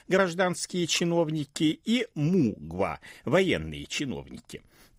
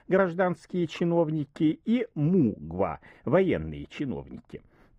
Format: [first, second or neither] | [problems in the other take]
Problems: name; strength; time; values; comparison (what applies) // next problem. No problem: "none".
first | muffled; very; fading above 3 kHz